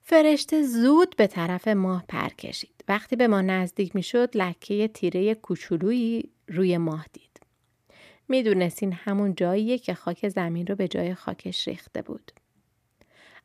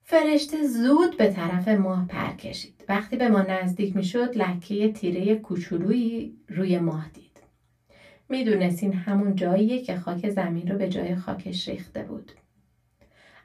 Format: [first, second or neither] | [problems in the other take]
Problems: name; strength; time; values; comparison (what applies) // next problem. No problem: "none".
first | off-mic speech; far // room echo; very slight; dies away in 0.2 s